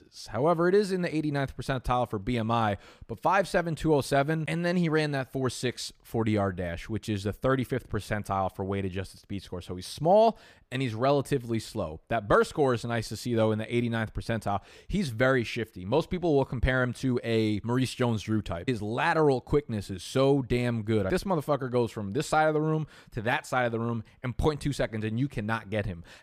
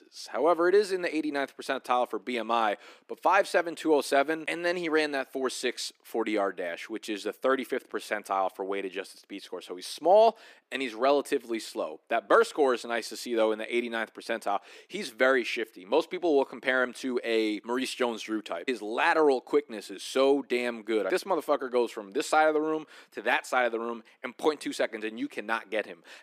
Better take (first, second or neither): first